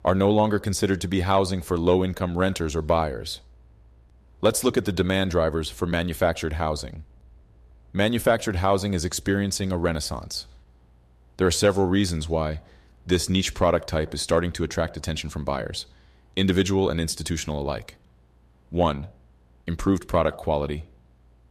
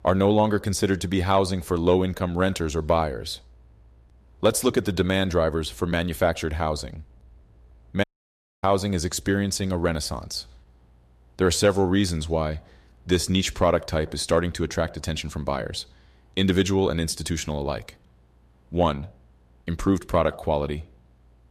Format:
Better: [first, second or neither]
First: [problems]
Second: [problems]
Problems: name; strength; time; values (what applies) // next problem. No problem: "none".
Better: first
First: none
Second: audio cutting out; at 8 s for 0.5 s